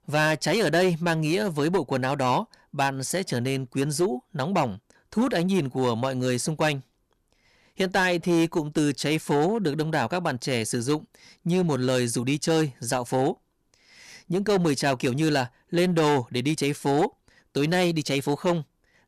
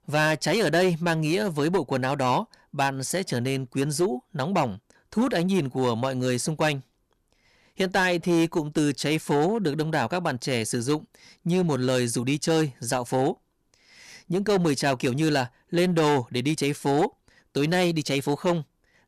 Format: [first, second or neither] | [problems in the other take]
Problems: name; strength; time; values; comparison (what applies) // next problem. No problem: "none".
neither | distortion; slight; 7% of the sound clipped; the same in both